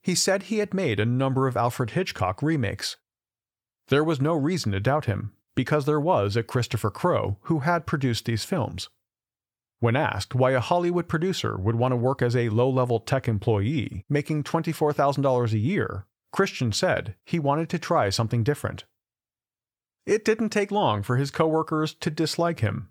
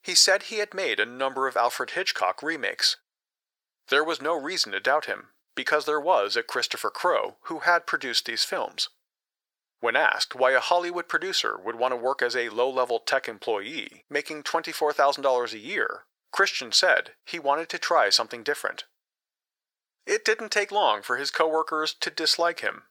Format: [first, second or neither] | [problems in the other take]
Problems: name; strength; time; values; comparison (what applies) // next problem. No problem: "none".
first | thin; very; fading below 500 Hz